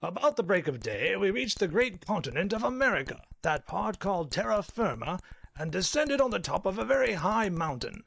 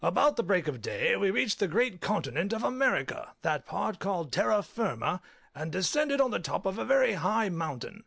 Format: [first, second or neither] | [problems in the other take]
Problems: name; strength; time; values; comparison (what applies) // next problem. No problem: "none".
second | noise reduction (neural mask model DeepFilterNet 3)